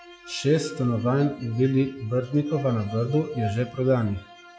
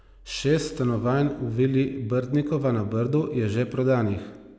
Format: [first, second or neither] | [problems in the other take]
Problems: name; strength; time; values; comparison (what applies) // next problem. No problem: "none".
second | noise reduction (classical method log-MMSE)